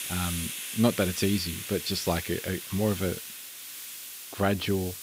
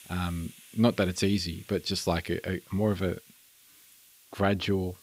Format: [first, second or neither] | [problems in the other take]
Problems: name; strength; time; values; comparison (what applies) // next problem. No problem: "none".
second | hiss; loud; throughout; 7 dB below the speech; faint in the second